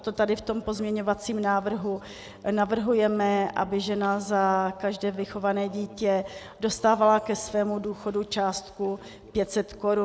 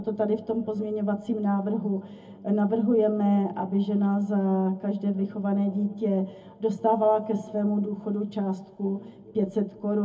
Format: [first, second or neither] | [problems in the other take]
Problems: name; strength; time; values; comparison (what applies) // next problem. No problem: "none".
first | room echo; dies away in 0.3 s